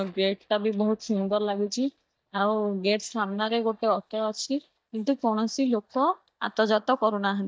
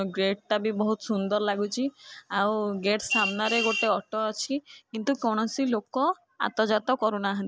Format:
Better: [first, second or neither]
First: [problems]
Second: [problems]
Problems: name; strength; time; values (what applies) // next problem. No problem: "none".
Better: second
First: noise reduction (neural mask model DeepFilterNet 3)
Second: none